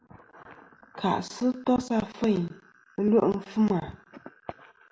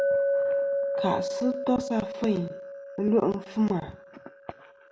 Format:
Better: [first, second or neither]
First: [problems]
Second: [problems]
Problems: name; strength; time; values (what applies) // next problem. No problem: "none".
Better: first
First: none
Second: background sound (Chink, clink); 1 dB below the speech